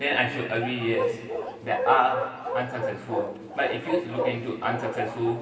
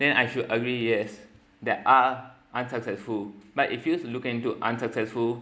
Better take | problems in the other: second | background sound (Bark); 4 dB below the speech // room echo; dies away in 2.4 s

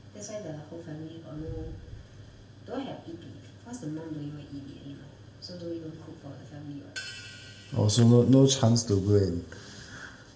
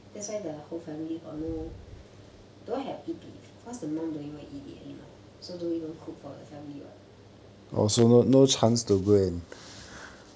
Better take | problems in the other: second | background sound (Hi-hat); 19 dB below the speech // room echo; dies away in 1.9 s

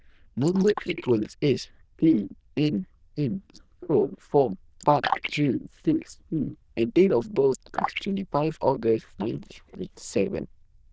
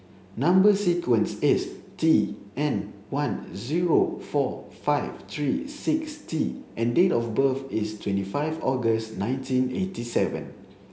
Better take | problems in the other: second | noise reduction (neural diffusion model UNIVERSE++)

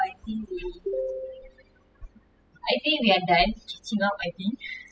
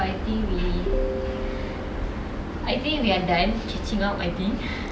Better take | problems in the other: second | noise reduction (classical method spectral subtraction)

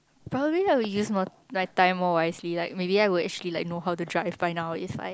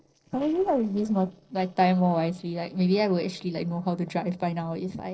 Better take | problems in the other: first | noise reduction (neural separator model SepFormer DNS4)

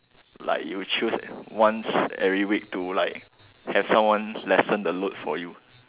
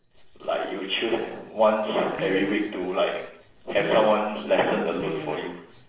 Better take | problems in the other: first | noise reduction (neural separator model SepFormer DNS4)

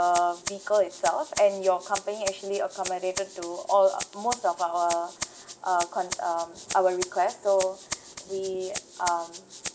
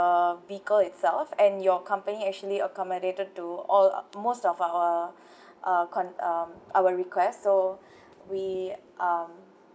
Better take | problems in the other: second | background sound (Rattle (instrument)); 11 dB below the speech

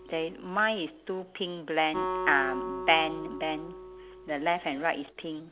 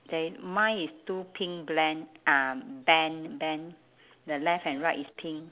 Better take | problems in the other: second | background sound (Acoustic guitar); 8 dB below the speech

